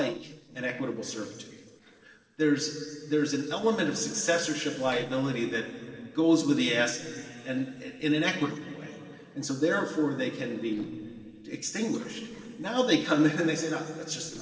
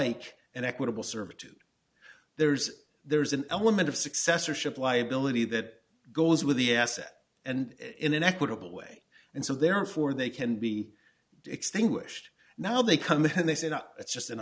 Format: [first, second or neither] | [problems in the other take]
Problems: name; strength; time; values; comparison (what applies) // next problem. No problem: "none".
second | noise reduction (neural separator model SepFormer DNS4)